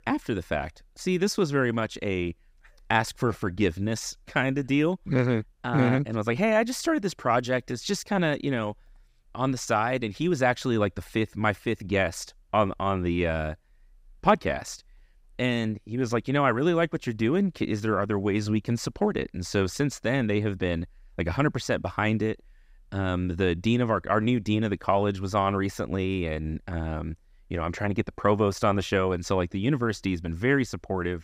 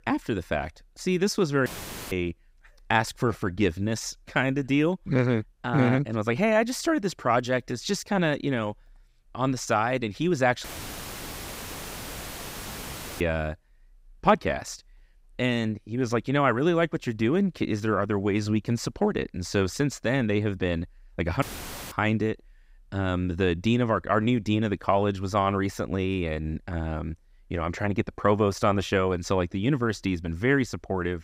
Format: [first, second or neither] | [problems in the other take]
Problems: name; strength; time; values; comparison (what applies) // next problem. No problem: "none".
first | audio cutting out; filled with static; at 1.5 s, at 11 s for 2.5 s and at 21 s for 0.5 s